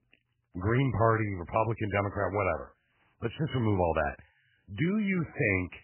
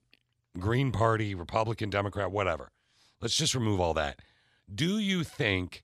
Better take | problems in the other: second | garbled, watery; badly; nothing above 2.5 kHz

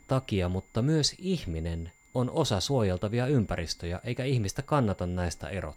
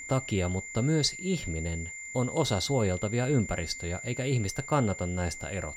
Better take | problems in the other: first | high-pitched whine; loud; throughout; 2 kHz, 9 dB below the speech; faint in the first

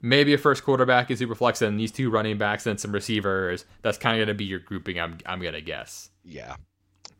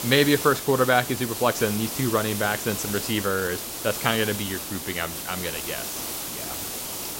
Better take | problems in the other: first | hiss; loud; throughout; 5 dB below the speech

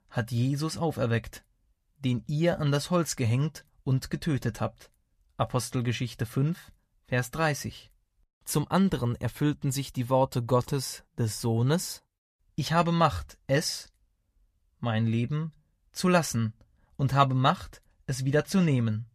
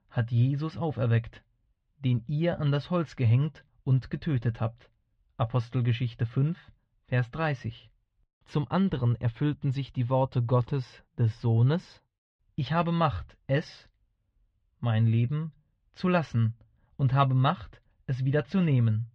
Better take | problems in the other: first | muffled; slightly; fading above 3.5 kHz

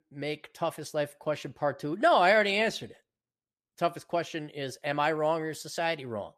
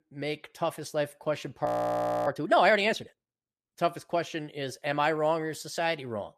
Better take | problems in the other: first | audio freezing; at 1.5 s for 0.5 s

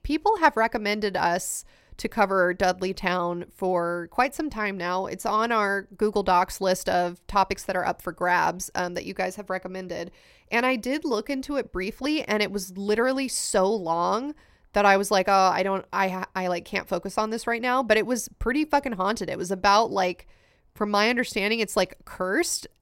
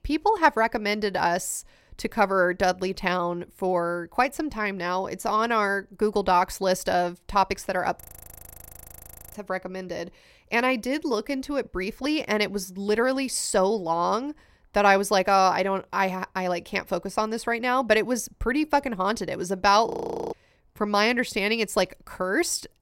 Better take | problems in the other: first | audio freezing; at 8 s for 1.5 s and at 20 s

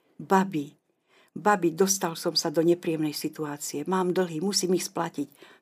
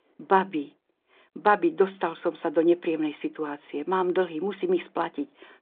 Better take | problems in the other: first | phone-call audio

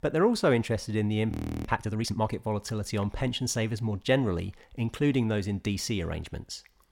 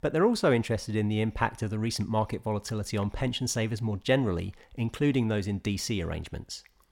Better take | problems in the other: second | audio freezing; at 1.5 s

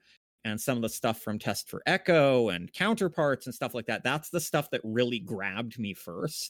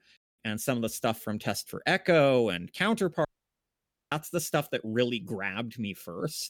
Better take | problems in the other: first | audio cutting out; at 3.5 s for 1 s

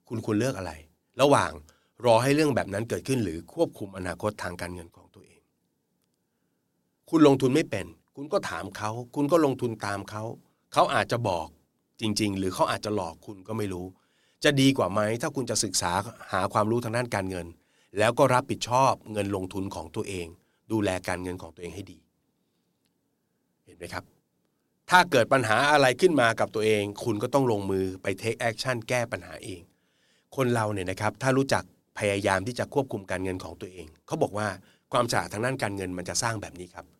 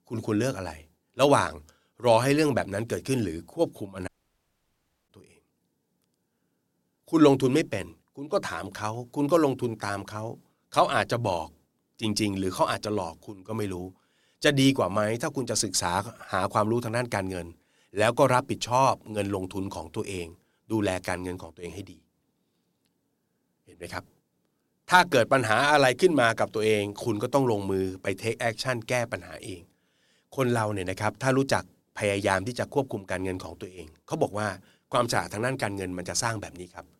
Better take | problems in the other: first | audio cutting out; at 4 s for 1 s

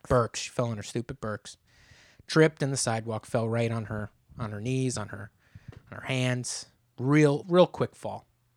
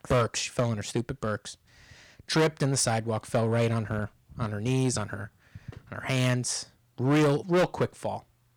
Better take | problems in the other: first | distortion; heavy; 6% of the sound clipped

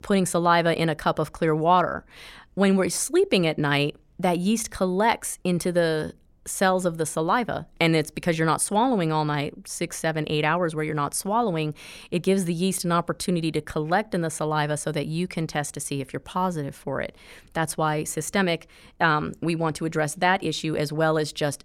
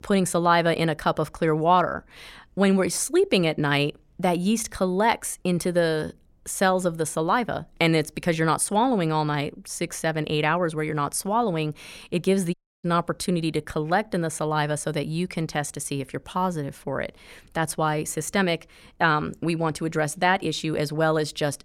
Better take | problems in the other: first | audio cutting out; at 13 s

